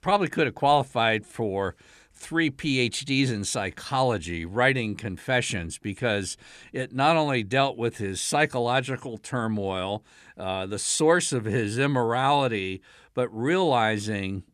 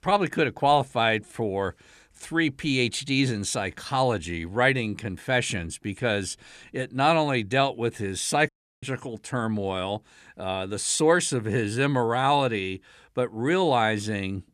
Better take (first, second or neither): first